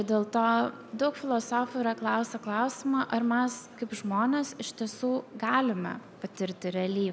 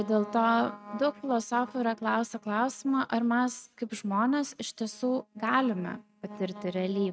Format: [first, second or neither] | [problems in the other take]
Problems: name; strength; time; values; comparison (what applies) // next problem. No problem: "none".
first | noise reduction (neural mask model RNNoise)